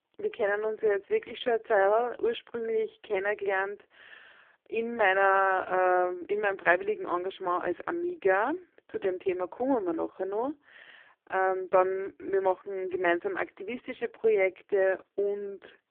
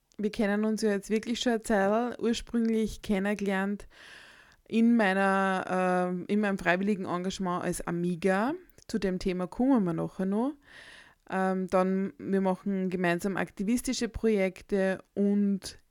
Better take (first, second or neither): second